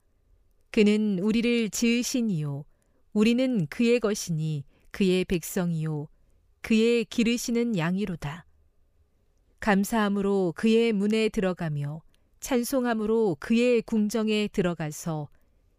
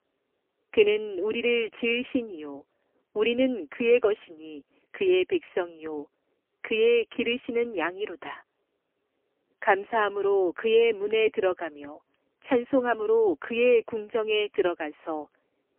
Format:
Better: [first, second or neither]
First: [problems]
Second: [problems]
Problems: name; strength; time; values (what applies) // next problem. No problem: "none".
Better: first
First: none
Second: phone-call audio; poor line; nothing above 3 kHz